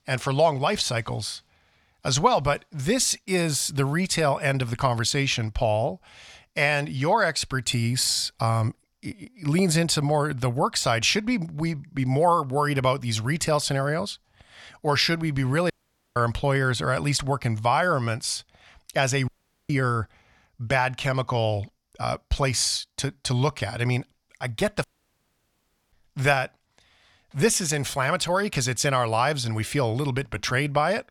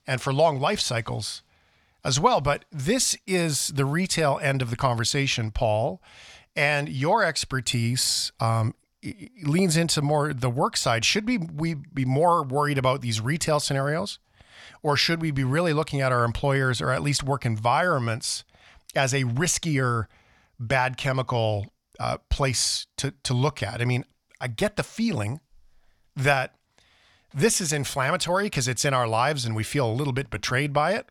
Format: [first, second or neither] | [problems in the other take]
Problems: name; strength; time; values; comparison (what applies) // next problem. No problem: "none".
second | audio cutting out; at 16 s, at 19 s and at 25 s for 1 s